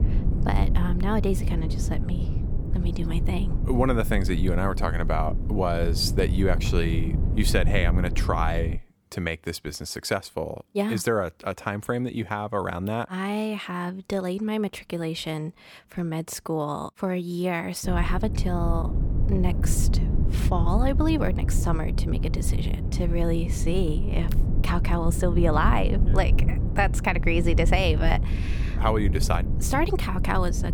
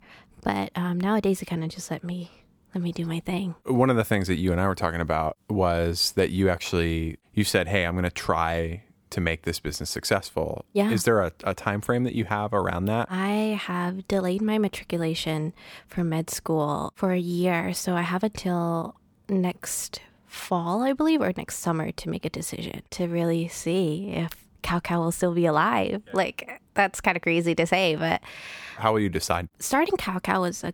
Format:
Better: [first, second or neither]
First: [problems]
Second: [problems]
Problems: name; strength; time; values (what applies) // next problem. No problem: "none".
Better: second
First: low rumble; noticeable; until 9 s and from 18 s on; 10 dB below the speech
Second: none